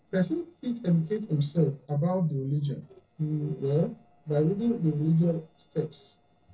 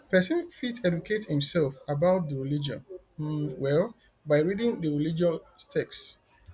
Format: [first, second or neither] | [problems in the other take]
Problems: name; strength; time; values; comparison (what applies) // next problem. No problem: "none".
second | noise reduction (neural separator model SepFormer DNS4)